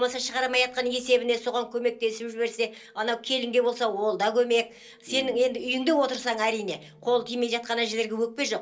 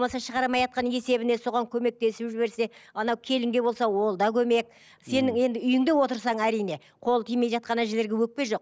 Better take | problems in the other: second | room echo; dies away in 0.2 s

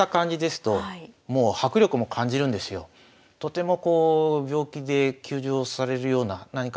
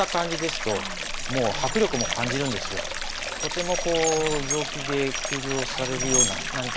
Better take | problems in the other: first | background sound (Stream + Glass); as loud as the speech

